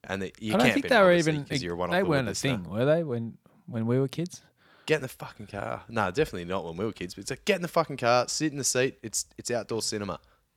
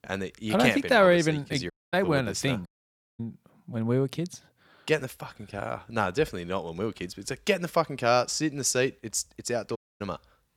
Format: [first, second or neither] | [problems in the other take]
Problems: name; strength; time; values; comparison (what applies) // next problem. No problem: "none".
first | audio cutting out; at 1.5 s, at 2.5 s for 0.5 s and at 10 s